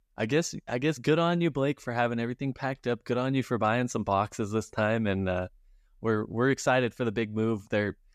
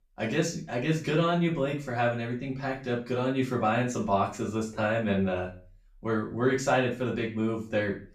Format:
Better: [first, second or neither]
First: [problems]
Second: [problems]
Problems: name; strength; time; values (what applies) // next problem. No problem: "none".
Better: first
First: none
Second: room echo; slight; dies away in 0.3 s // off-mic speech; far